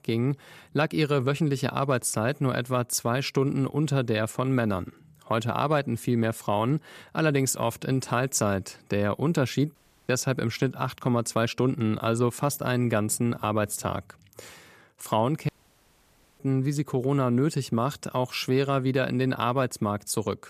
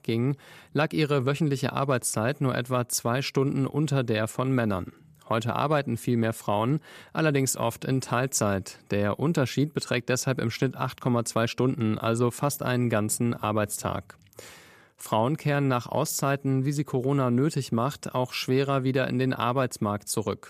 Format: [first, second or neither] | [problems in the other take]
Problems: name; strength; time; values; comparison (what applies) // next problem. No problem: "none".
second | audio cutting out; at 10 s and at 15 s for 1 s